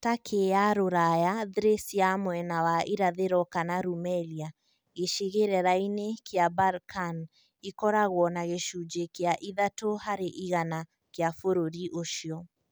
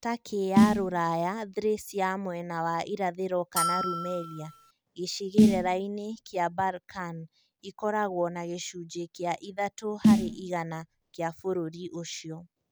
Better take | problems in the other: first | background sound (Bell + Snare drum); 3 dB above the speech

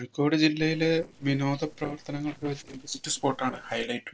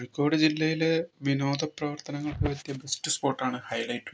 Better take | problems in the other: second | noise reduction (neural separator model SepFormer DNS4)

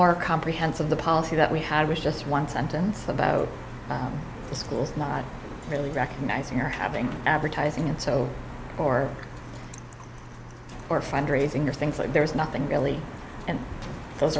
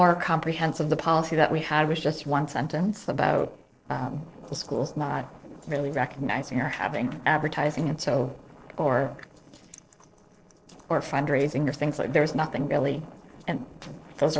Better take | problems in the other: first | noise reduction (neural separator model SepFormer DNS4)

